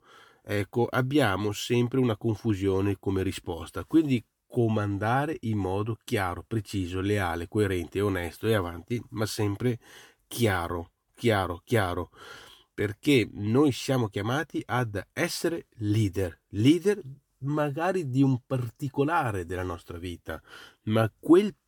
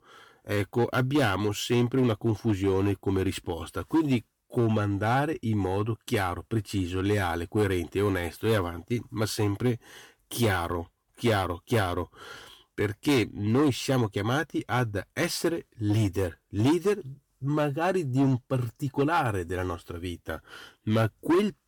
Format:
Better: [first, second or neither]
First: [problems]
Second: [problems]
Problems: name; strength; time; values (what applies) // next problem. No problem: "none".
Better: first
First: none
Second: distortion; slight; 5% of the sound clipped